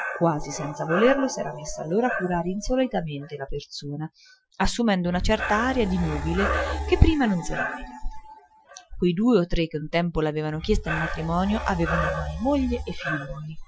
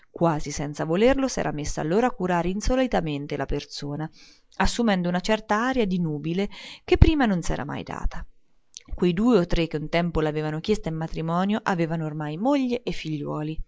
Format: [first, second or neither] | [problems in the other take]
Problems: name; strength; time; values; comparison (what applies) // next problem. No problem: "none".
second | noise reduction (classical method Wiener filter)